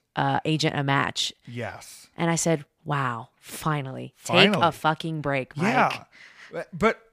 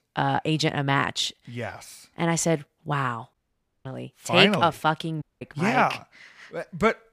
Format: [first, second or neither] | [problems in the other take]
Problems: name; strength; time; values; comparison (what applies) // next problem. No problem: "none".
first | audio cutting out; at 3.5 s for 0.5 s and at 5 s